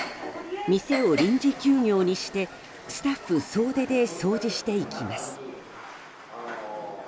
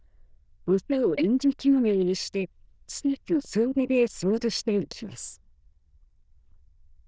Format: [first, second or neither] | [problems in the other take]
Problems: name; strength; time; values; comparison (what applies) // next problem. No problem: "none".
first | noise reduction (neural diffusion model UNIVERSE++)